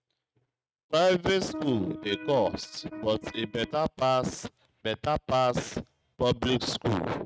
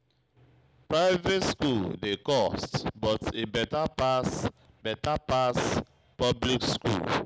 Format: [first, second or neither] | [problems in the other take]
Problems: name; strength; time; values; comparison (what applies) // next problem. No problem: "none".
second | noise reduction (neural mask model RNNoise)